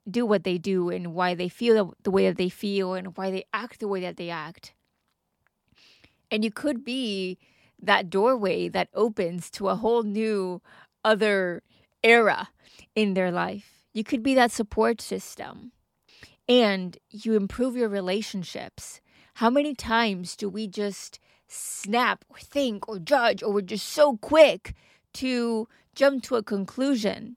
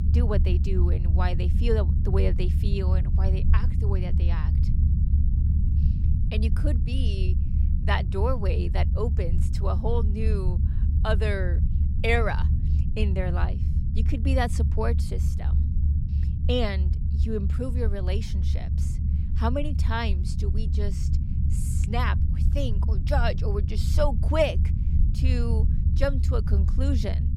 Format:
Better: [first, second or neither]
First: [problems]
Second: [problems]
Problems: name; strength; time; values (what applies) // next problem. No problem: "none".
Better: first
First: none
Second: low rumble; loud; throughout; 9 dB below the speech